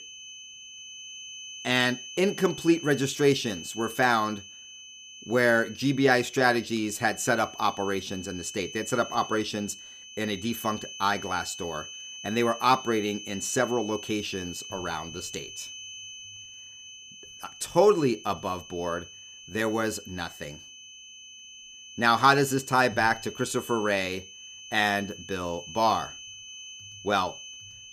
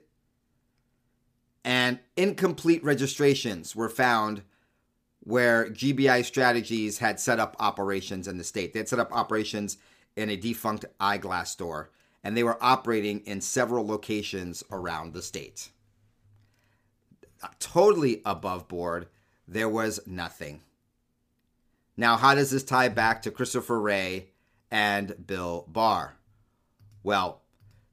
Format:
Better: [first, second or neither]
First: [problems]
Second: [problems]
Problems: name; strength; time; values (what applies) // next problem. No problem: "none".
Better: second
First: high-pitched whine; noticeable; throughout; 3 kHz, 15 dB below the speech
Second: none